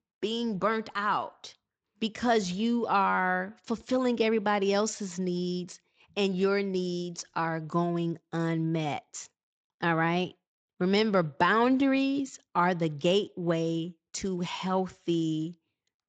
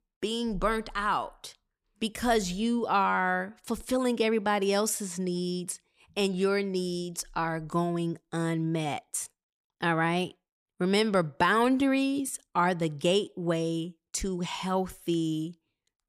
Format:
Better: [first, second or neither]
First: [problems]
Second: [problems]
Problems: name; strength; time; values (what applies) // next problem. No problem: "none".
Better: second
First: garbled, watery; slightly; nothing above 7.5 kHz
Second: none